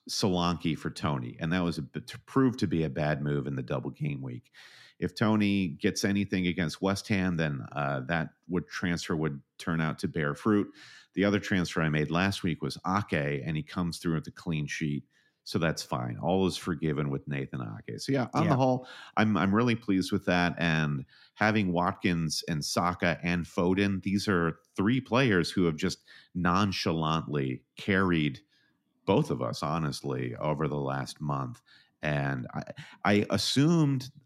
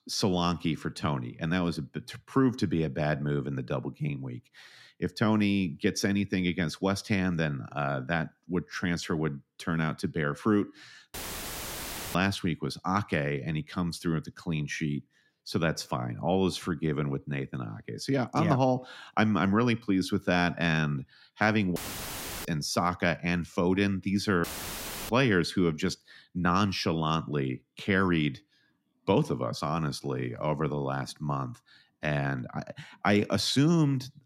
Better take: first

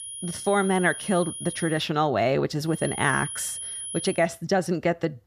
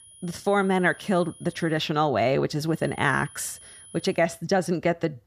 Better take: second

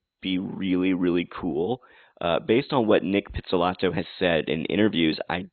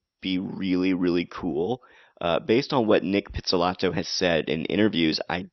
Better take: second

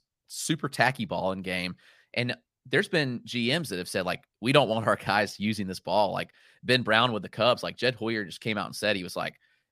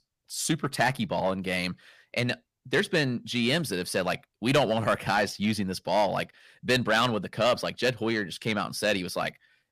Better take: first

